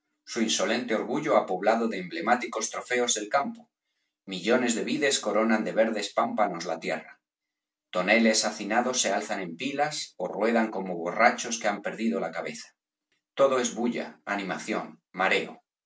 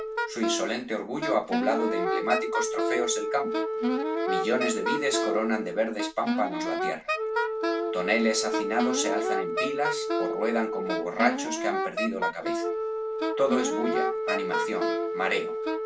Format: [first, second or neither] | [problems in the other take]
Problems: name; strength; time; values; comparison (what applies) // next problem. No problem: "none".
first | background sound (Wind instrument, woodwind instrument + Wind instrument, woodwind instrument); 2 dB above the speech